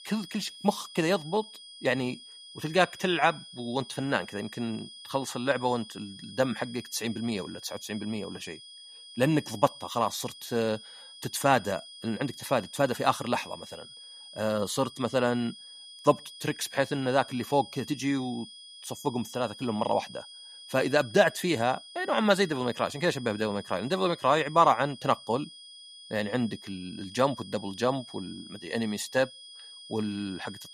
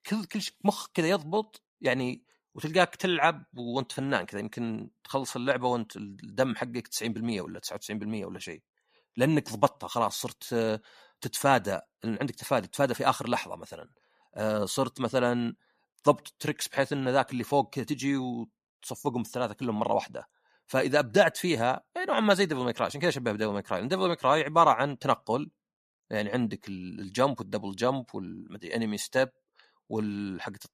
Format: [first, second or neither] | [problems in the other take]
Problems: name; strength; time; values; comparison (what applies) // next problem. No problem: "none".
second | high-pitched whine; noticeable; throughout; 3.5 kHz, 15 dB below the speech